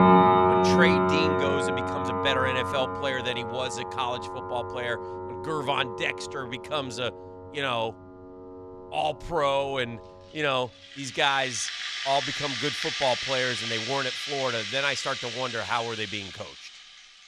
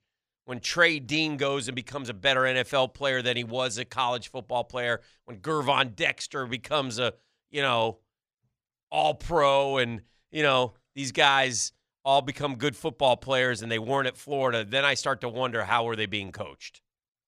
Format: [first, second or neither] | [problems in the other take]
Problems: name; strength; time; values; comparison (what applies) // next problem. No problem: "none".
second | background music; very loud; throughout; 1 dB above the speech